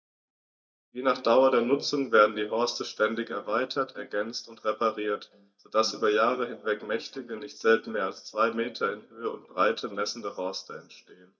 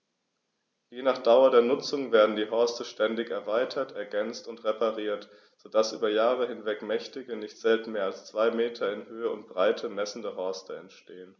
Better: second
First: noise reduction (neural mask model DeepFilterNet 3)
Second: none

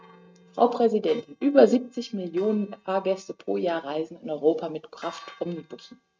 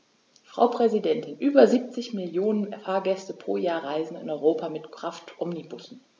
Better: second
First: noise reduction (neural mask model RNNoise)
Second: none

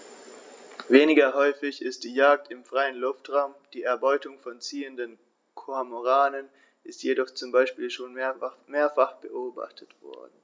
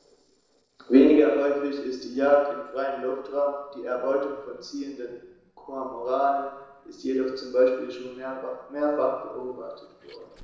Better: first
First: none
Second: noise reduction (neural separator model SepFormer DNS4)

